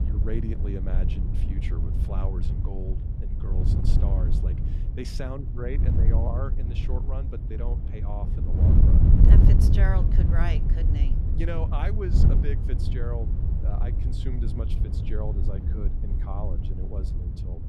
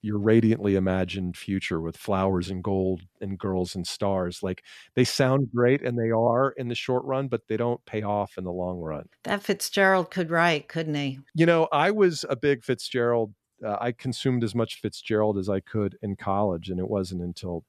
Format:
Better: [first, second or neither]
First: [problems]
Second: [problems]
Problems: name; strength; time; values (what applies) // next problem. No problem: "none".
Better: second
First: wind noise on the microphone; heavy; as loud as the speech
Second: none